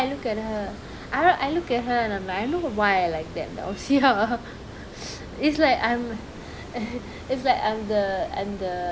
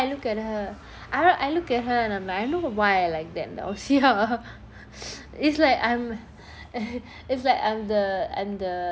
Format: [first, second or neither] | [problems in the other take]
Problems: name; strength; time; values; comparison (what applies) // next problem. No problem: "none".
second | background sound (Water); 15 dB below the speech